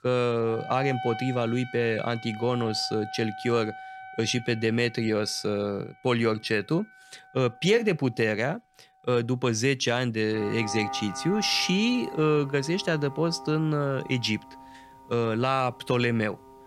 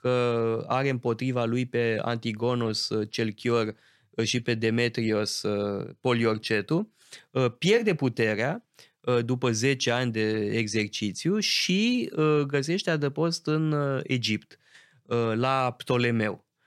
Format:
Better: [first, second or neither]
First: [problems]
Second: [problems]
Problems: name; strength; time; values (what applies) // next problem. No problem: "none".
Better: second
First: background music; noticeable; throughout; 15 dB below the speech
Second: none